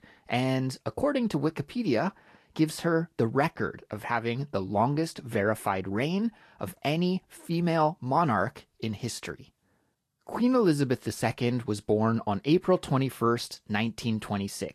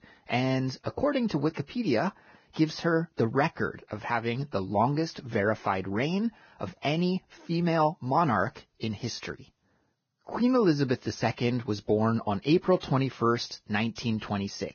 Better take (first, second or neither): first